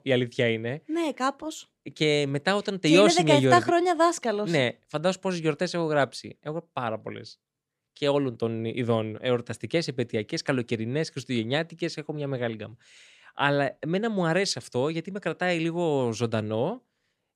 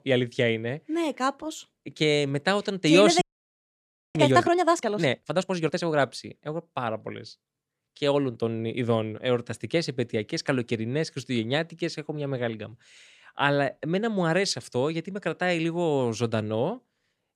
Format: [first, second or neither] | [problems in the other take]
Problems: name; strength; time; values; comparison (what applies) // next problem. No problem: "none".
first | audio freezing; at 3 s for 1 s